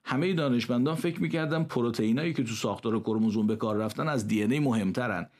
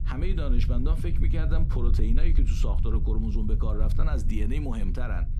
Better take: first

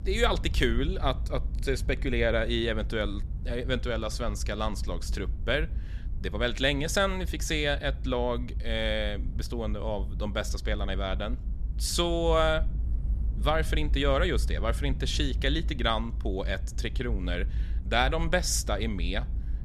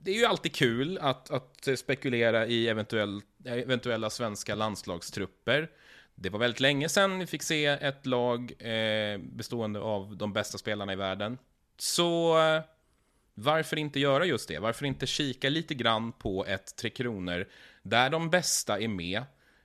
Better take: second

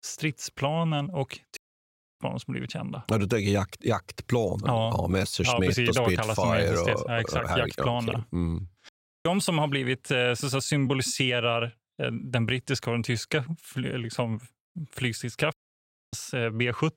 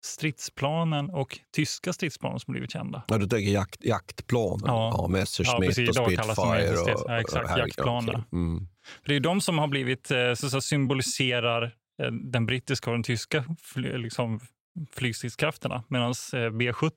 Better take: second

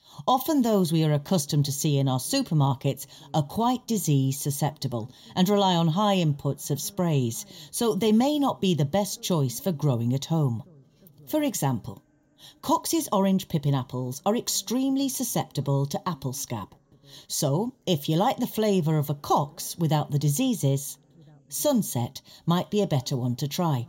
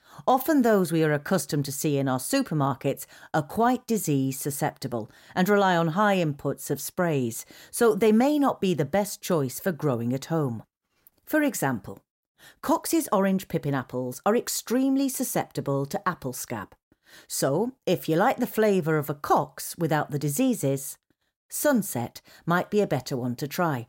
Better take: second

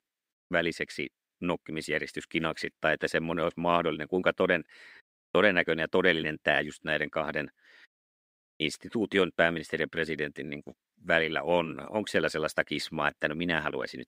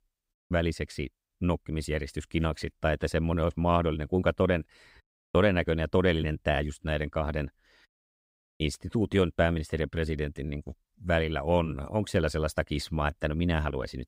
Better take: second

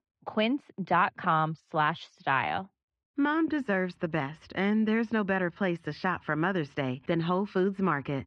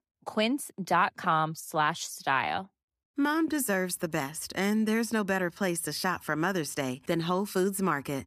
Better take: second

